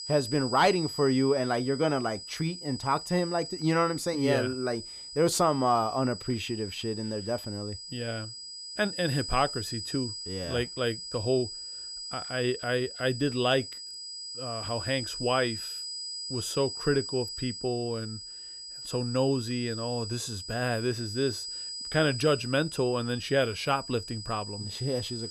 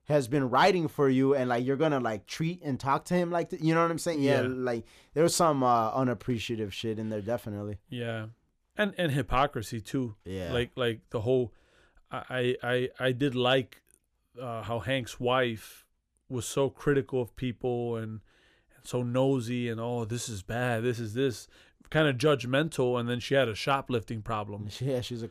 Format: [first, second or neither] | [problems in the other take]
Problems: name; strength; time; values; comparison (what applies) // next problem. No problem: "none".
second | high-pitched whine; loud; throughout; 5 kHz, 8 dB below the speech